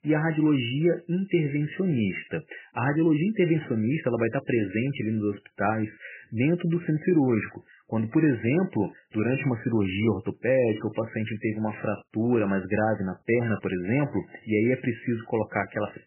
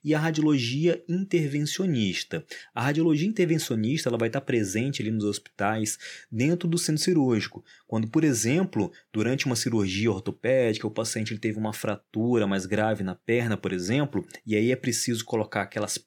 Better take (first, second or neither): second